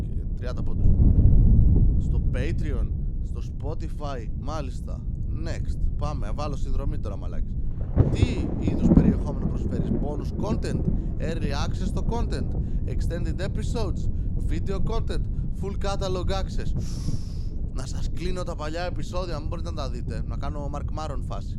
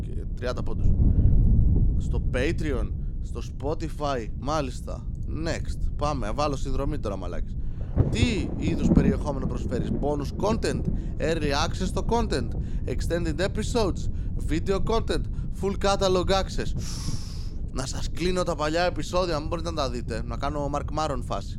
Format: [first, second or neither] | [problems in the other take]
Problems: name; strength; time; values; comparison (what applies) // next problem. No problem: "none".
second | wind noise on the microphone; heavy; 2 dB below the speech; occasional gusts in the second